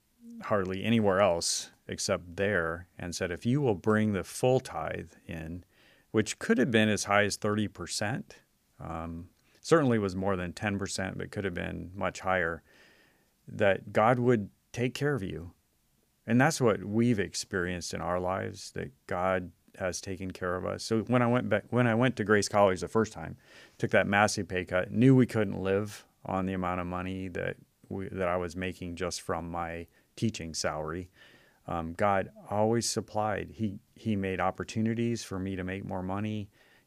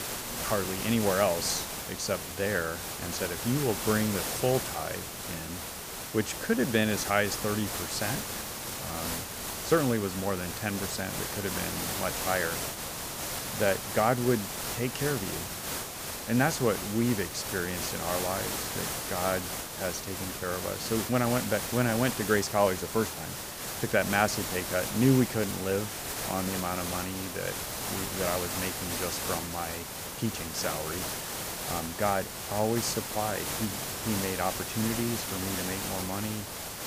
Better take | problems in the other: first | hiss; loud; throughout; 3 dB below the speech

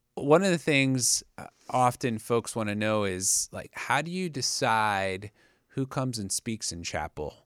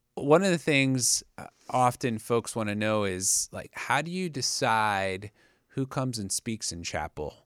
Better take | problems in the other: neither | none

